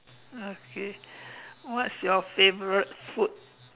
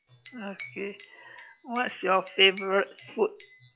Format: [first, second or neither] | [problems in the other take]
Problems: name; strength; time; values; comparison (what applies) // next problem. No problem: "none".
first | noise reduction (classical method log-MMSE)